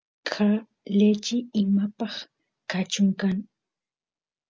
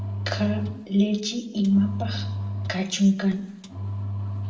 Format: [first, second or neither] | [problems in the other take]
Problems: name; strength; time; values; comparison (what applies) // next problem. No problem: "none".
first | background sound (Engine); 6 dB below the speech // room echo; dies away in 0.8 s